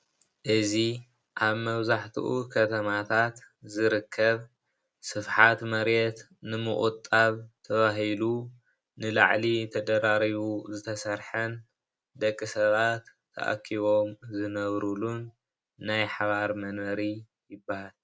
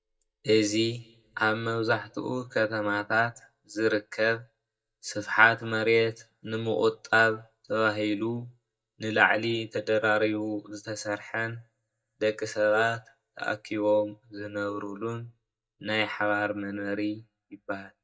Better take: first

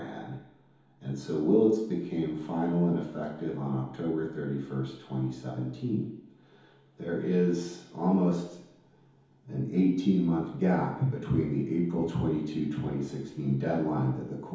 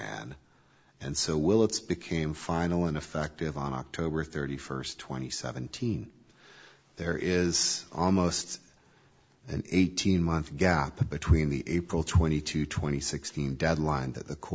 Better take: second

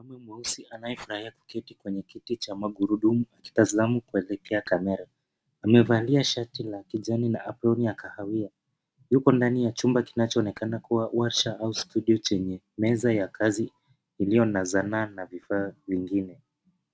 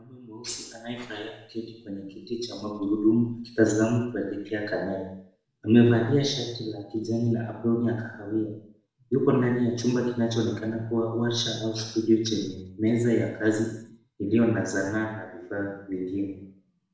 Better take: first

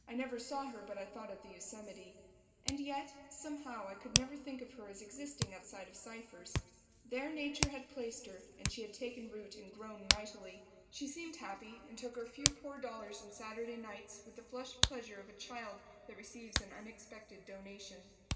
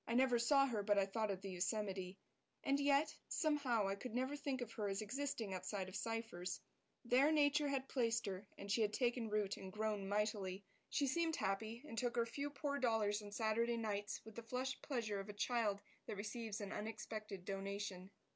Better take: second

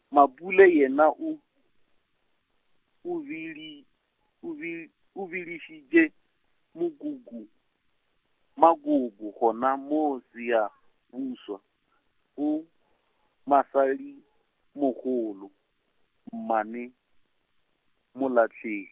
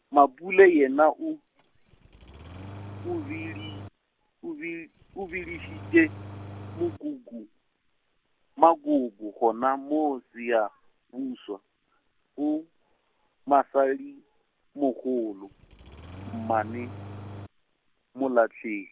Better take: first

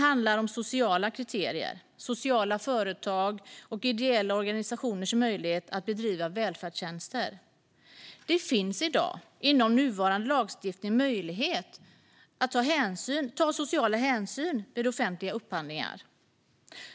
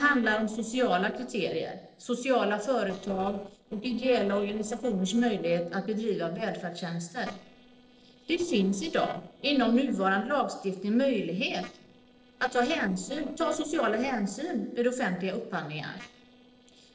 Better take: first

